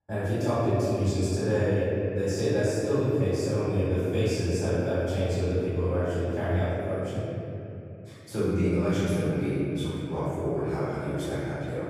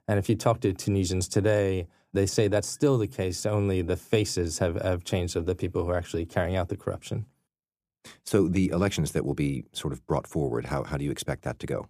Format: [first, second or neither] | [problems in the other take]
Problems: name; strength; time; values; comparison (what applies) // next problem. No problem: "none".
second | room echo; strong; dies away in 3 s // off-mic speech; far